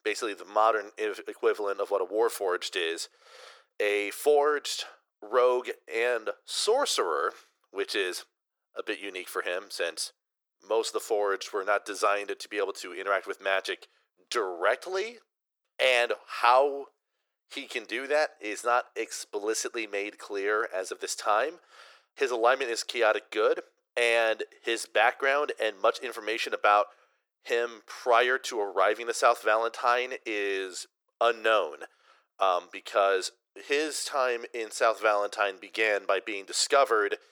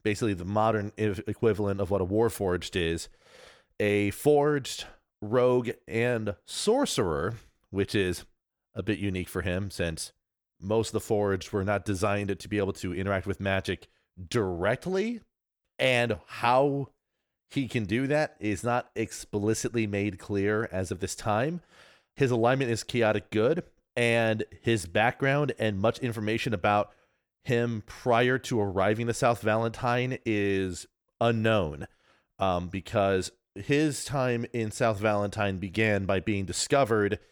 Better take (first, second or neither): second